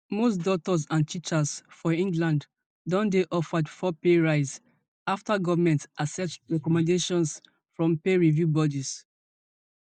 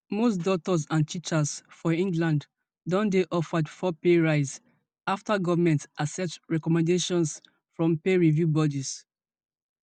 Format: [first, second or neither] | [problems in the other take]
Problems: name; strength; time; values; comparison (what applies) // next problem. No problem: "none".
second | noise reduction (neural mask model Resemble Enhance denoiser)